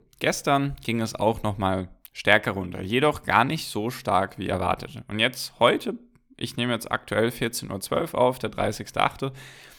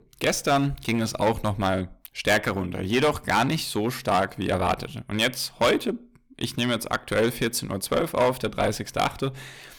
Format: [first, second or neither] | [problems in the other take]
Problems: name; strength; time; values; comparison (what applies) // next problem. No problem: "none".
first | distortion; heavy; 5% of the sound clipped